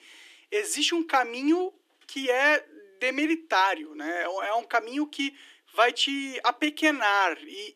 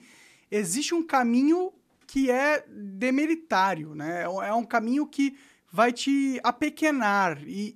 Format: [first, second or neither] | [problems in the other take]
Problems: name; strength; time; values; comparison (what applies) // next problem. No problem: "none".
second | thin; somewhat; fading below 300 Hz